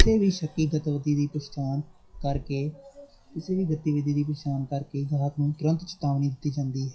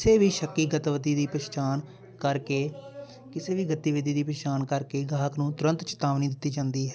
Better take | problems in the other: second | noise reduction (classical method WPE with log-MMSE)

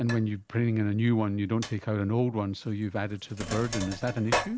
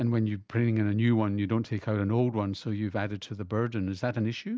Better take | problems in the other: second | background sound (Sink (filling or washing)); 10 dB below the speech

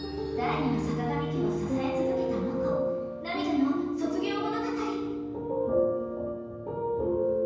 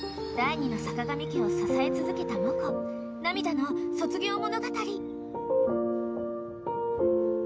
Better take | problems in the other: second | room echo; dies away in 1.2 s

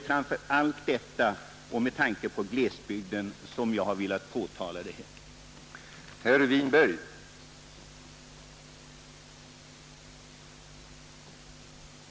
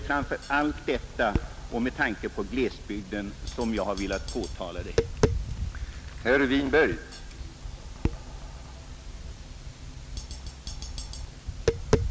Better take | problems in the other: first | background sound (Tap); 2 dB below the speech

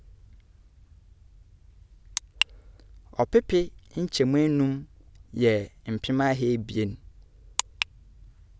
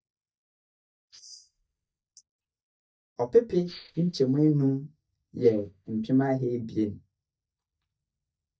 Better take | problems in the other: first | noise reduction (neural mask model DeepFilterNet 3)

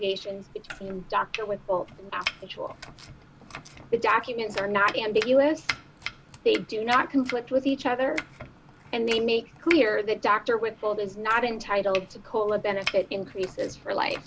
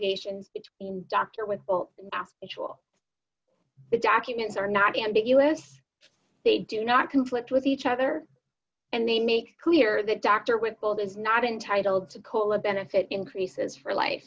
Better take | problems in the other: second | background sound (Domestic sounds, home sounds); 13 dB below the speech

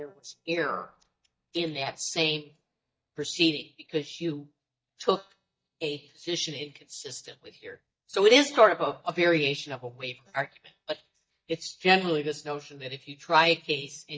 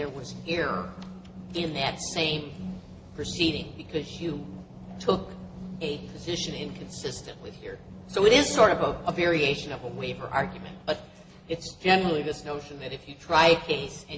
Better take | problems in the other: second | noise reduction (neural mask model DeepFilterNet 3)

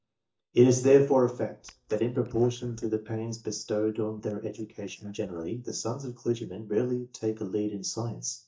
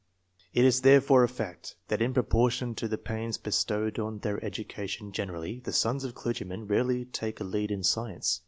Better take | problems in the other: second | noise reduction (neural mask model DeepFilterNet 3)

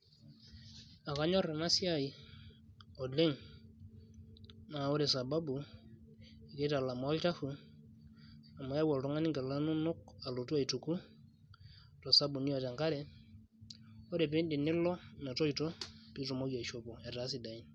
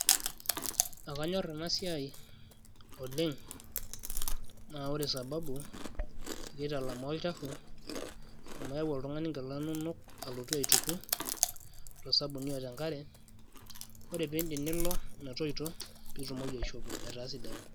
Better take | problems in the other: first | background sound (Chewing, mastication); 2 dB above the speech

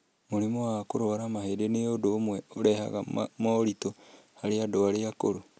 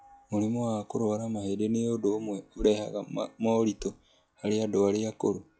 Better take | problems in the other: first | noise reduction (classical method log-MMSE)

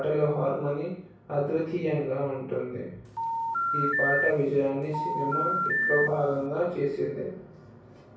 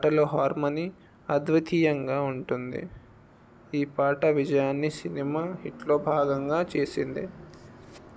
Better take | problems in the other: second | background sound (Telephone); as loud as the speech // room echo; dies away in 0.6 s

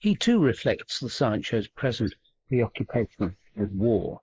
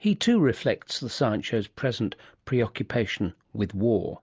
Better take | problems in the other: second | noise reduction (neural mask model Resemble Enhance denoiser)

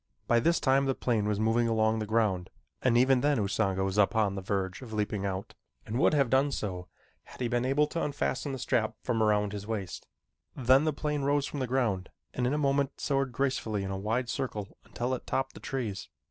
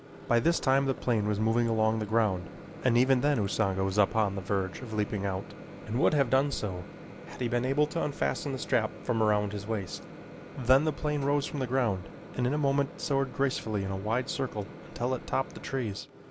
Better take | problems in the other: first | background sound (Microwave oven); 15 dB below the speech

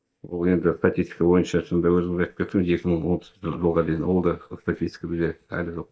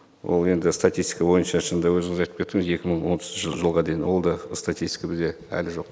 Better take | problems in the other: second | noise reduction (neural mask model DeepFilterNet 3)

